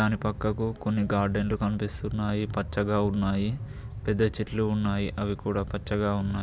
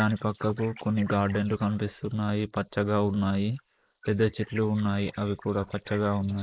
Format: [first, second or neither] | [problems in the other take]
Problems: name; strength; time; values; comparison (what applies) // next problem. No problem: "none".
first | noise reduction (neural mask model Resemble Enhance denoiser)